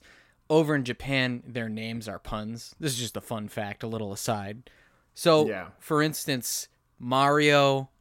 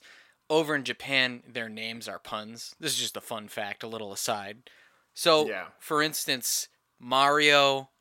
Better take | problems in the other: first | thin; somewhat; fading below 650 Hz

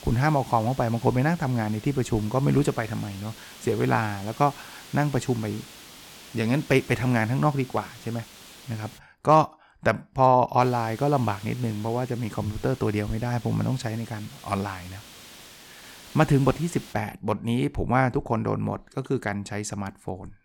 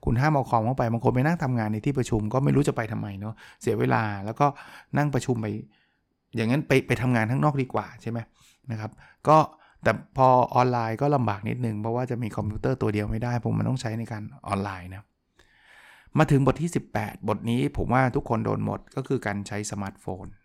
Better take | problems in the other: second | hiss; noticeable; until 9 s and from 11 to 17 s; 20 dB below the speech

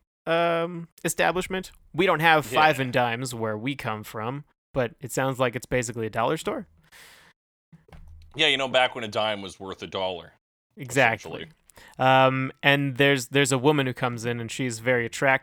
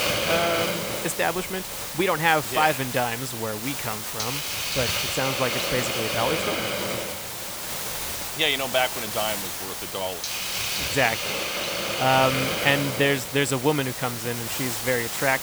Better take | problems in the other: first | hiss; loud; throughout; 1 dB below the speech

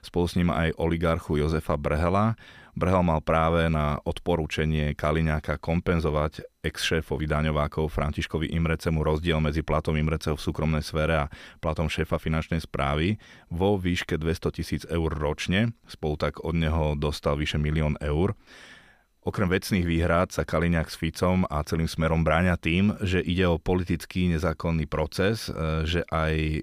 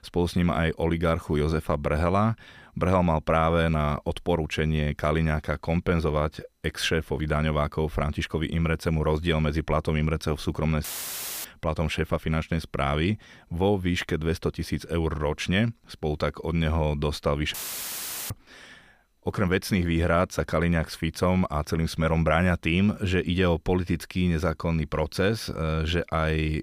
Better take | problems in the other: first | audio cutting out; filled with static; at 11 s for 0.5 s and at 18 s for 1 s

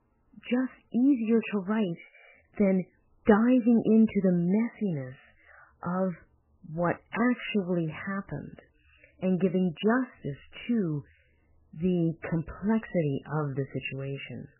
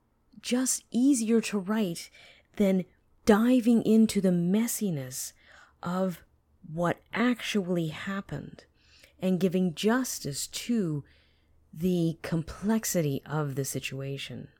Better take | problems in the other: second | garbled, watery; badly; nothing above 3 kHz

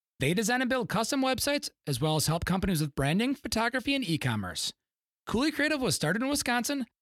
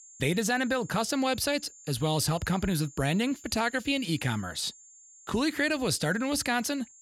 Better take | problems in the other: first | high-pitched whine; faint; throughout; 7 kHz, 20 dB below the speech

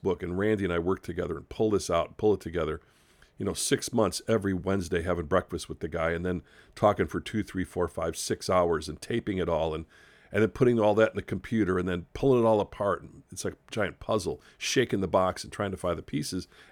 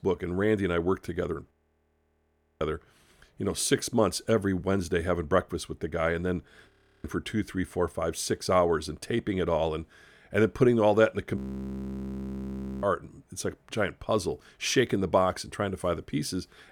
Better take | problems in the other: first | audio freezing; at 1.5 s for 1 s, at 6.5 s and at 11 s for 1.5 s

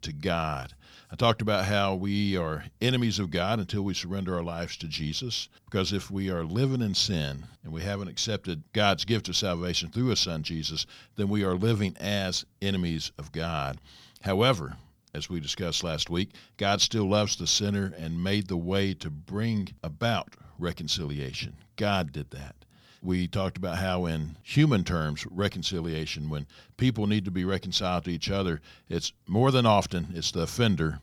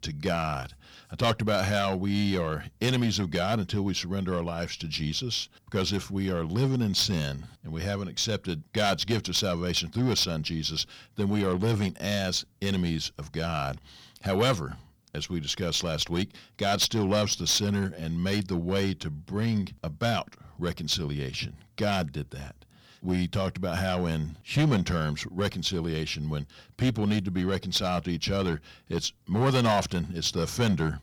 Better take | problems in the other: first | distortion; slight; 4% of the sound clipped

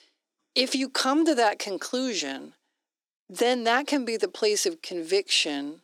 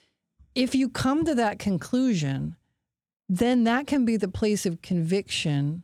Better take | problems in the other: second | thin; somewhat; fading below 300 Hz

